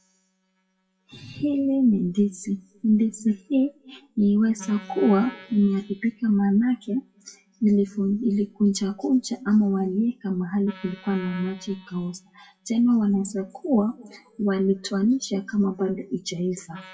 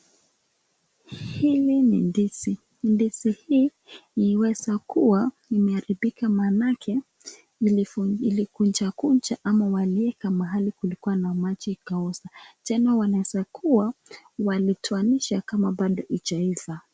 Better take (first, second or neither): second